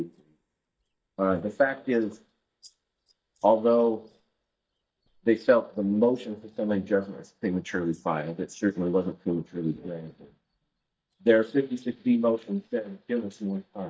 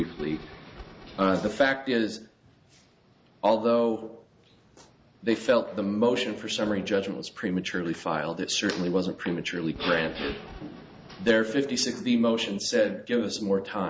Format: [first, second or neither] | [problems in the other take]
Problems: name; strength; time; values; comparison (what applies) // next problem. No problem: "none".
second | noise reduction (neural mask model DeepFilterNet 3)